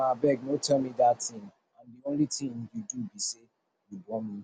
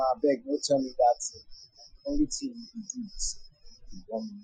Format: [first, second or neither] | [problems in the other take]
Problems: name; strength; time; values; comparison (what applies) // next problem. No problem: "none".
first | noise reduction (classical method Wiener filter)